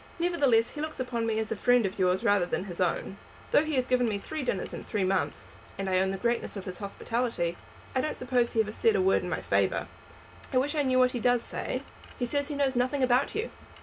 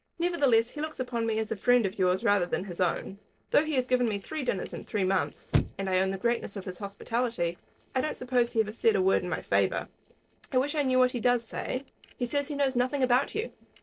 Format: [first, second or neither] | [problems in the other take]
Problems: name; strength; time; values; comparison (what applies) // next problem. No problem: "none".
first | noise reduction (neural separator model SepFormer DNS4)